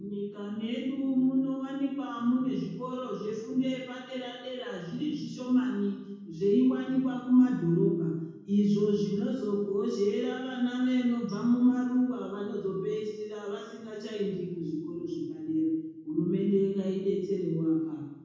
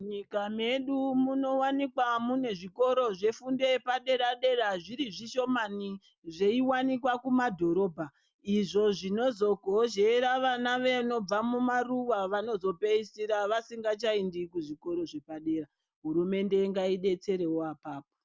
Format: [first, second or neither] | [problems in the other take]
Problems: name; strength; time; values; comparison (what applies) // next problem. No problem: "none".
second | room echo; dies away in 1.1 s